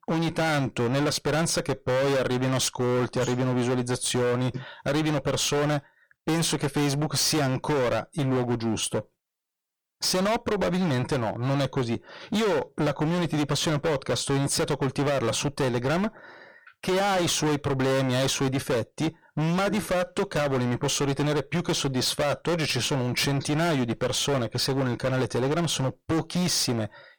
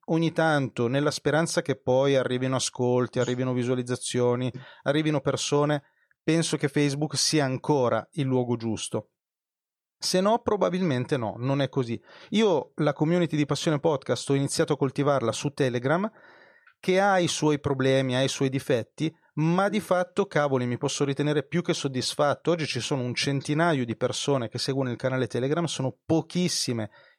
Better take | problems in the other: second | distortion; heavy; 27% of the sound clipped

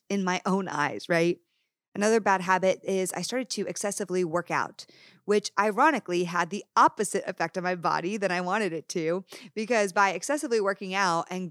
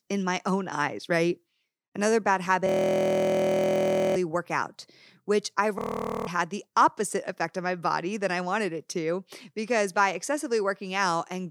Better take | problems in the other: first | audio freezing; at 2.5 s for 1.5 s and at 6 s

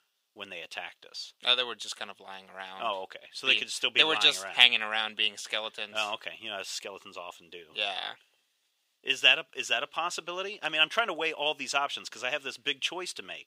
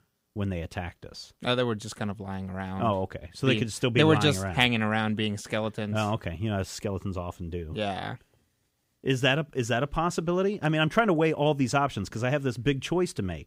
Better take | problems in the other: second | thin; very; fading below 650 Hz

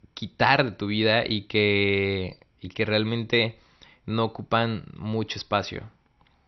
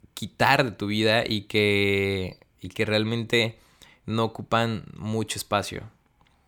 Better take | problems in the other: second | garbled, watery; slightly; nothing above 6 kHz

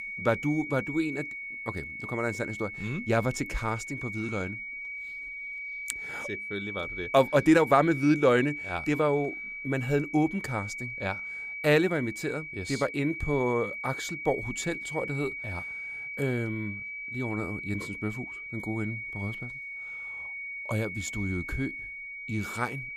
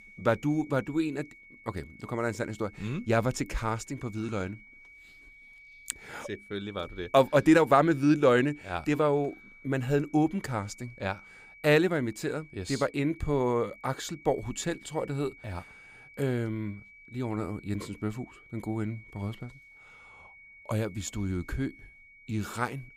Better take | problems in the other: second | high-pitched whine; loud; throughout; 2.5 kHz, 7 dB below the speech; faint in the second

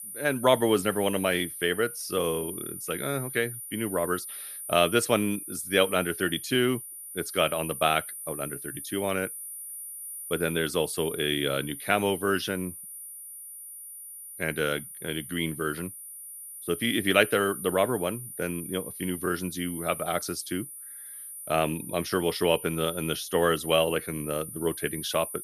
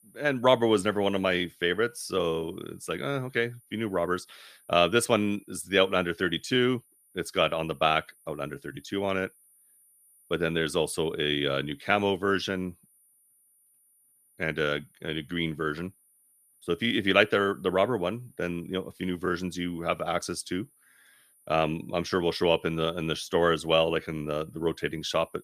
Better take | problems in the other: second | high-pitched whine; loud; throughout; 9.5 kHz, 9 dB below the speech; faint in the second

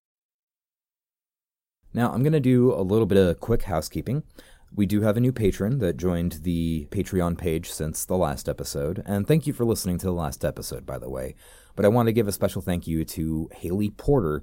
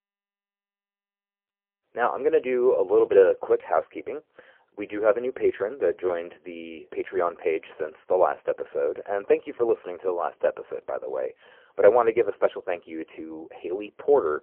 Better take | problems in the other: first | phone-call audio; poor line

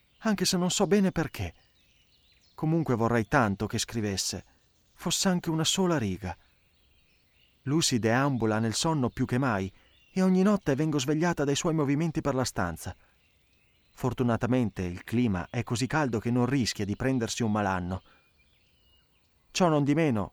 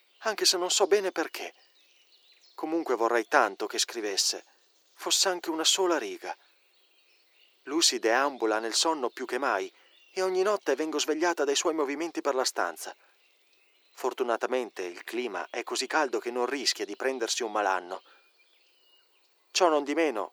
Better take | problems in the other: first | thin; very; fading below 350 Hz

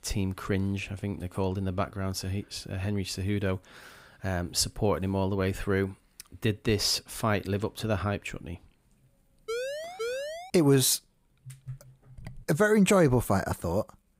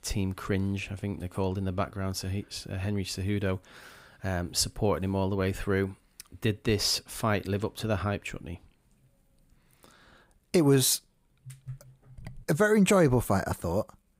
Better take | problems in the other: second | siren; noticeable; from 9.5 to 11 s; peak 6 dB below the speech

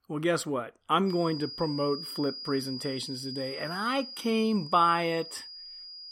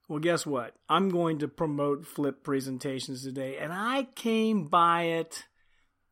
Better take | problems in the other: second | high-pitched whine; loud; from 1 s on; 5 kHz, 10 dB below the speech

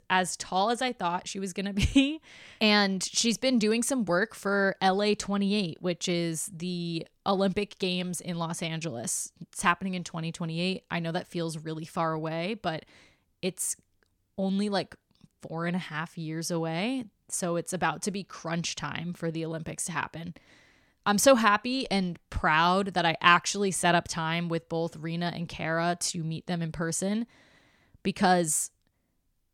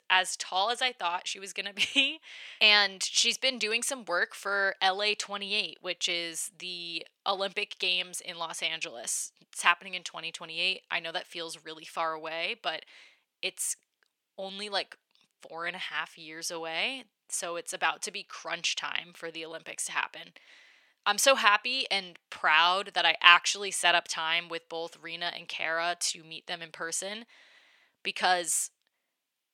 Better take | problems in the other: first | thin; very; fading below 550 Hz

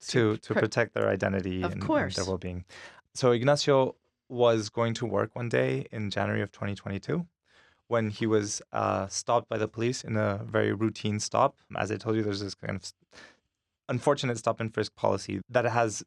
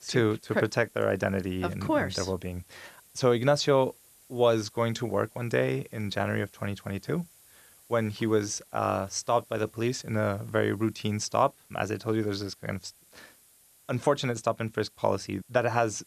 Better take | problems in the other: first | hiss; faint; throughout; 25 dB below the speech

